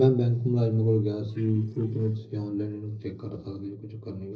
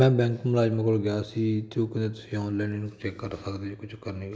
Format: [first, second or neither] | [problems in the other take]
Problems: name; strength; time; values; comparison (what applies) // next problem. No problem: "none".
second | noise reduction (neural separator model SepFormer DNS4)